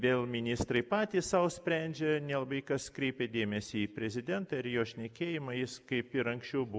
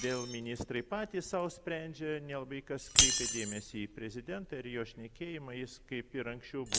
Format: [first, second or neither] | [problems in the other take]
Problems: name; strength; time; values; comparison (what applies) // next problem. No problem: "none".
first | background sound (Shatter); 1 dB above the speech